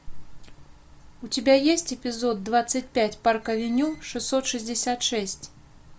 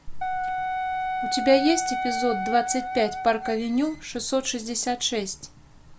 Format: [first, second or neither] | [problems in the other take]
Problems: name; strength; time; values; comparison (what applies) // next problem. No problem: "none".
first | background sound (Wind instrument, woodwind instrument); 3 dB below the speech